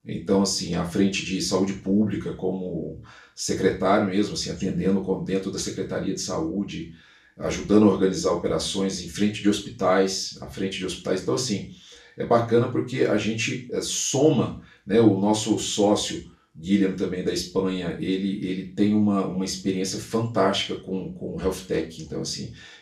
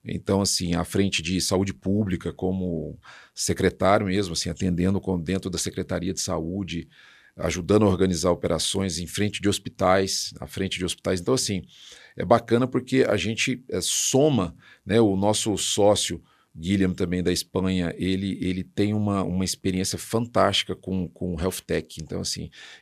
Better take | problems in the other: second | room echo; slight; dies away in 0.3 s // off-mic speech; far

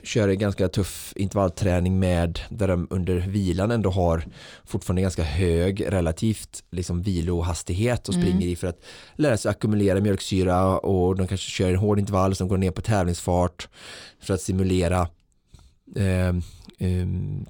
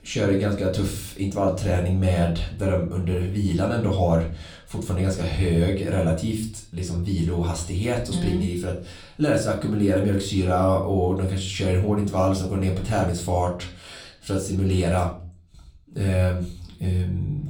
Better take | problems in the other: first | room echo; slight; dies away in 0.3 s // off-mic speech; far

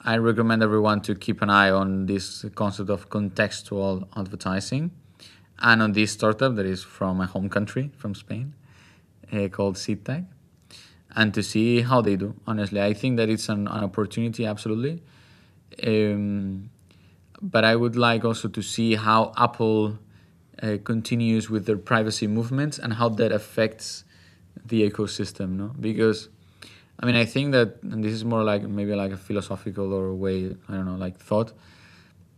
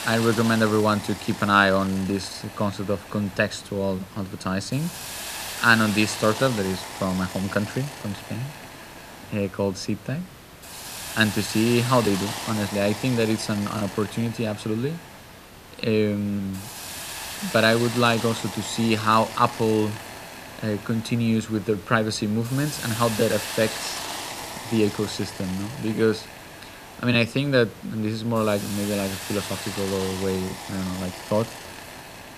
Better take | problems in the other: first | hiss; loud; throughout; 10 dB below the speech

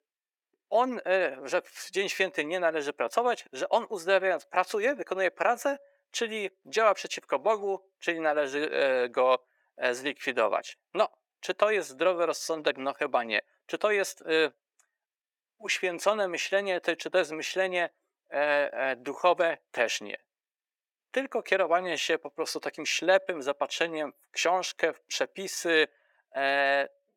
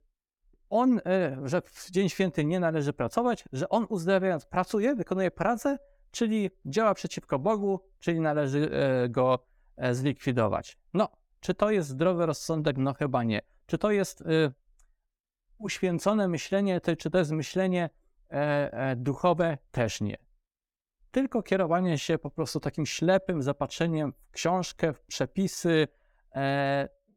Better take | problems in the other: second | thin; very; fading below 400 Hz

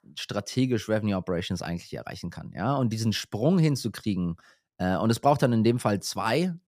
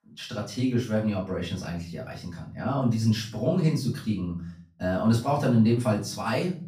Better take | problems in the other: first | off-mic speech; far // room echo; slight; dies away in 0.4 s

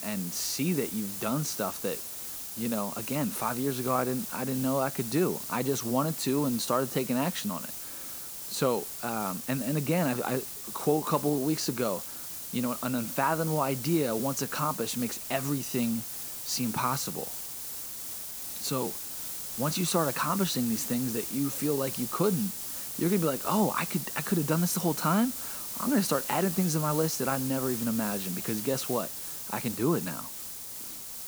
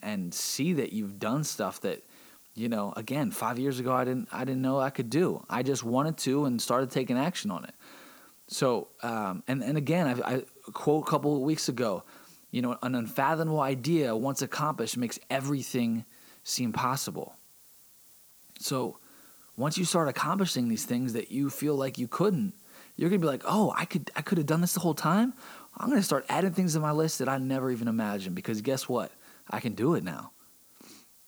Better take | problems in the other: second | hiss; loud; throughout; 5 dB below the speech; faint in the second

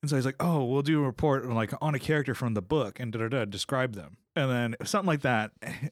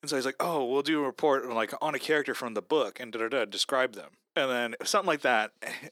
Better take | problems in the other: first | thin; somewhat; fading below 350 Hz

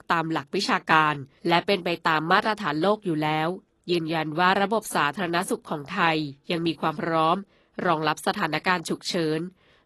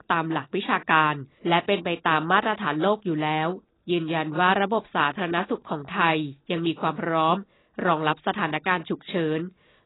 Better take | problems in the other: first | garbled, watery; badly; nothing above 4 kHz; slightly in the first

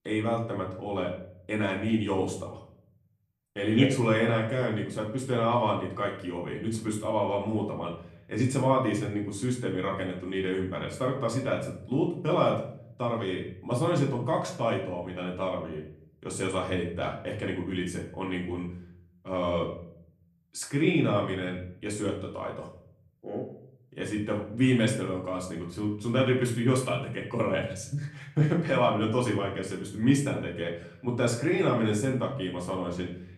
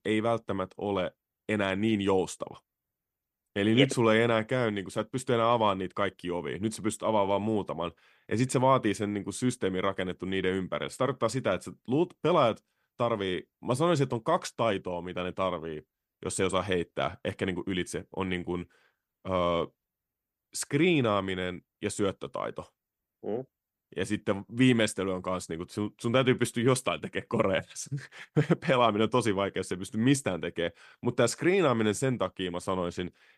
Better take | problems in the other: second | room echo; slight; dies away in 0.6 s // off-mic speech; far

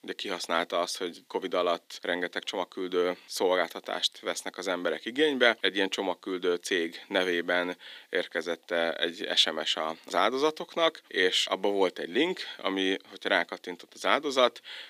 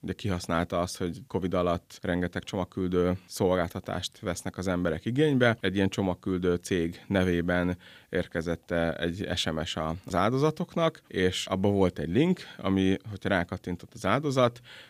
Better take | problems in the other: second | thin; somewhat; fading below 300 Hz

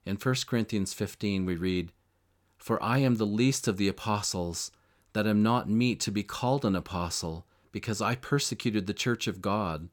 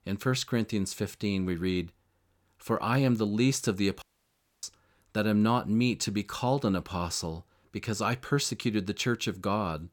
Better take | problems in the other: first | audio cutting out; at 4 s for 0.5 s

